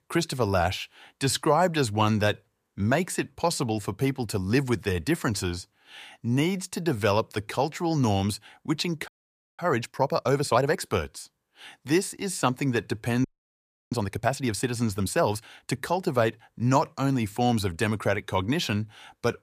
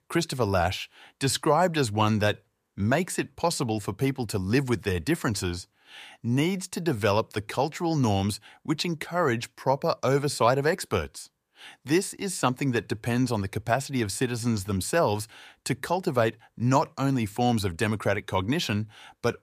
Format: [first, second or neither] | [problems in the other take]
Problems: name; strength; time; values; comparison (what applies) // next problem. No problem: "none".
second | audio freezing; at 9 s for 0.5 s and at 13 s for 0.5 s